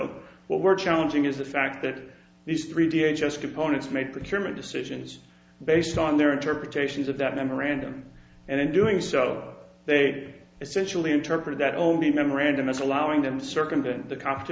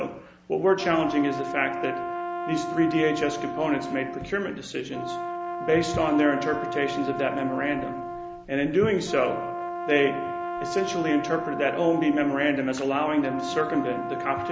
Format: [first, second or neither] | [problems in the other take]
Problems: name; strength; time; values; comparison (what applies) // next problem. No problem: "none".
first | background sound (Brass instrument); 7 dB below the speech